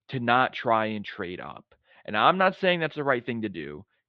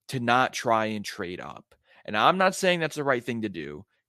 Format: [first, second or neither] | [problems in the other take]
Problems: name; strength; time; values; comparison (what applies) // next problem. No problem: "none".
second | muffled; very; fading above 3.5 kHz